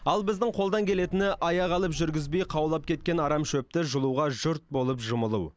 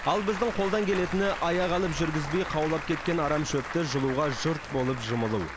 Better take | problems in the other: first | background sound (Applause); 9 dB below the speech

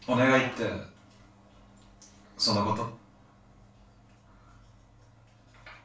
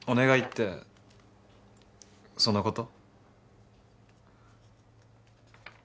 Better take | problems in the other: second | room echo; dies away in 0.3 s

